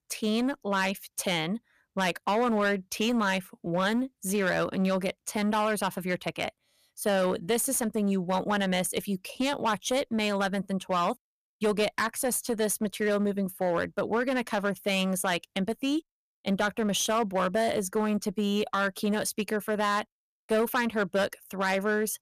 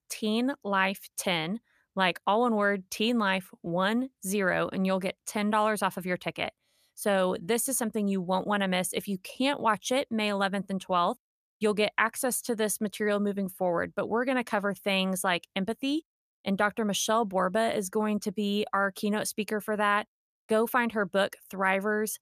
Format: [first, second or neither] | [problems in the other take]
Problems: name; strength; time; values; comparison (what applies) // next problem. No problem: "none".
second | distortion; slight; 8% of the sound clipped